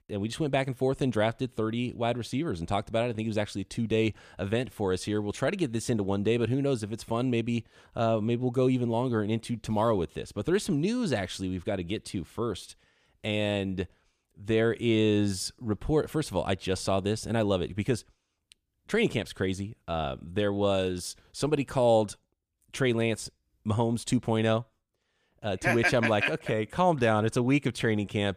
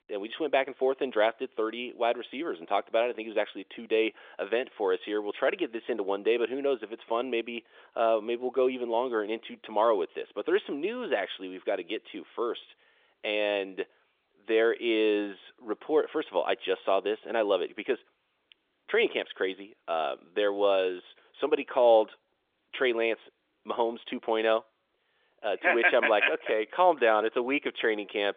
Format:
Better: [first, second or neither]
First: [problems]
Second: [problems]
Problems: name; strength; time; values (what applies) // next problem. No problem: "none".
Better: first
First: none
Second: phone-call audio; nothing above 3.5 kHz